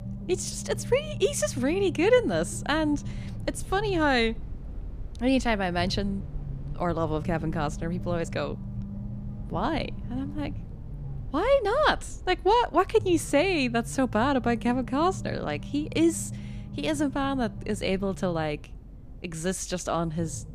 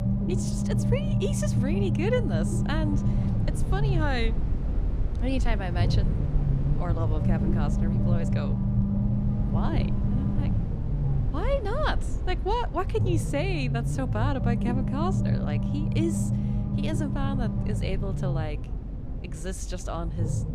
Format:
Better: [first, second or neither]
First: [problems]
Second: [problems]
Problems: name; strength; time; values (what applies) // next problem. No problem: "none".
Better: first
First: low rumble; faint; throughout; 20 dB below the speech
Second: low rumble; loud; throughout; 4 dB below the speech